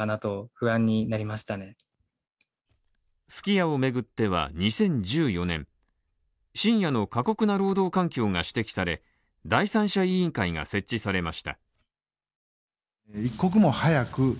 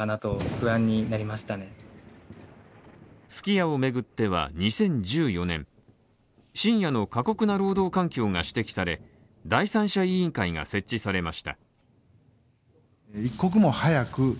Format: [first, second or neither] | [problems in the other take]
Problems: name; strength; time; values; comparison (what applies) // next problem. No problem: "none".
first | background sound (Thunder); 17 dB below the speech